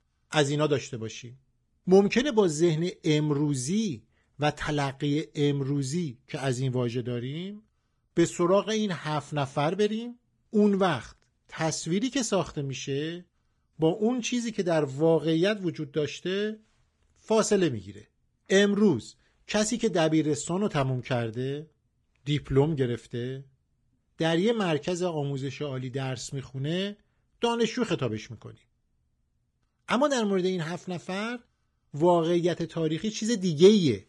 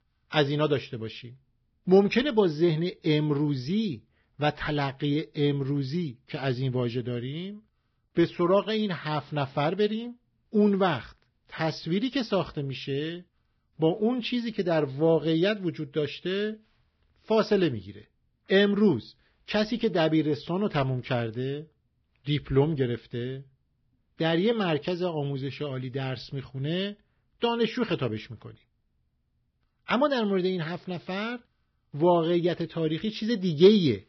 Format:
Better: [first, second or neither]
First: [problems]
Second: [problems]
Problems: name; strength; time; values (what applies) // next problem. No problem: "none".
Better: first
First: garbled, watery; slightly; nothing above 10 kHz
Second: garbled, watery; badly; nothing above 5.5 kHz